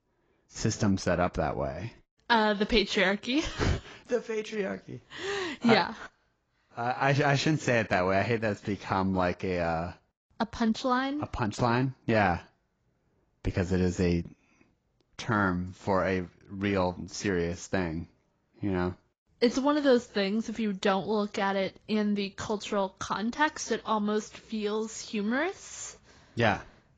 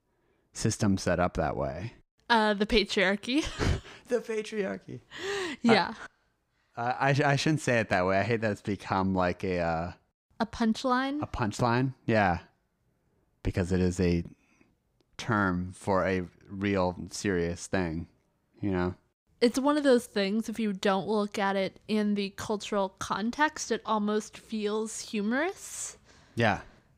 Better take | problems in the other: second | garbled, watery; badly; nothing above 7.5 kHz

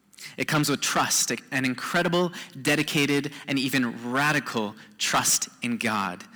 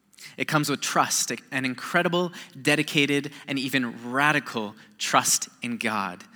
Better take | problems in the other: second | distortion; heavy; 6% of the sound clipped

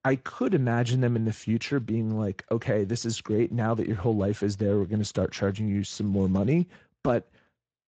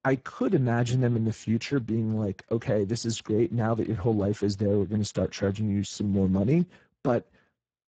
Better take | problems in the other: first | garbled, watery; badly; nothing above 7.5 kHz; slightly in the first

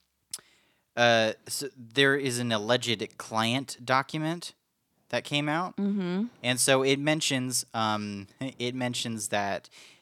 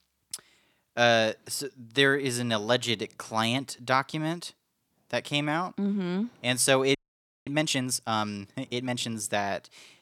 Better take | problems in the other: first | audio freezing; at 7 s for 0.5 s

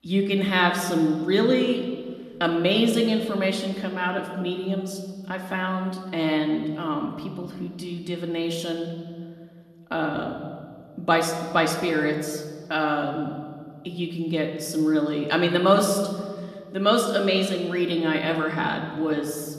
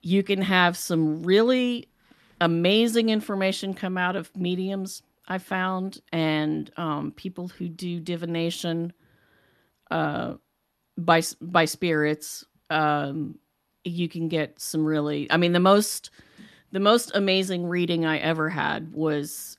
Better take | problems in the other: second | room echo; slight; dies away in 1.5 s // off-mic speech; somewhat distant

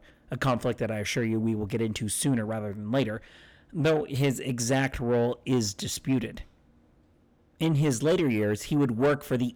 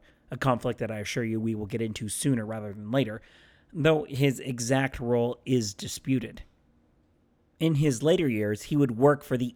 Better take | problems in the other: second | distortion; slight; 10 dB below the speech

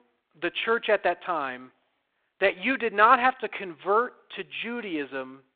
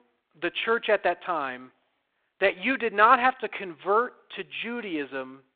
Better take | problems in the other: neither | phone-call audio; the same in both

